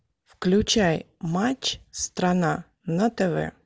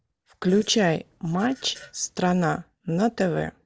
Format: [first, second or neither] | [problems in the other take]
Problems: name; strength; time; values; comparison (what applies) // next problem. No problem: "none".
first | noise reduction (neural separator model SepFormer DNS4)